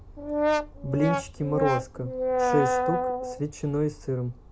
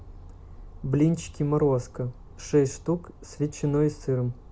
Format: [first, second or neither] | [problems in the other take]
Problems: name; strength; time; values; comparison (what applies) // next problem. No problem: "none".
second | background sound (Brass instrument); 2 dB above the speech